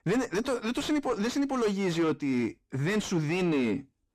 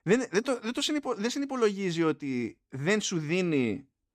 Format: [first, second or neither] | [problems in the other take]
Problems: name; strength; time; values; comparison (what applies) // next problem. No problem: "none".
second | distortion; heavy; 6 dB below the speech